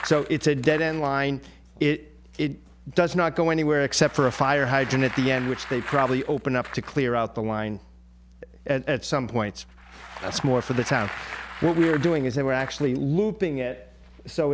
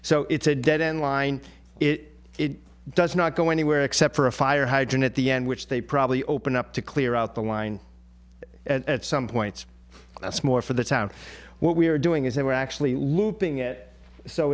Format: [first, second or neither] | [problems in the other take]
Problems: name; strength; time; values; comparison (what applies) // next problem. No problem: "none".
second | background sound (Bicycle); 16 dB below the speech